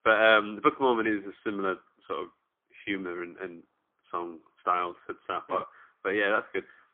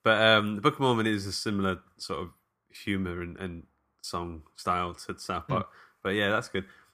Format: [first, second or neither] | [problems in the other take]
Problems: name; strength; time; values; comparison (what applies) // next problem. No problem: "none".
second | phone-call audio; poor line; nothing above 3.5 kHz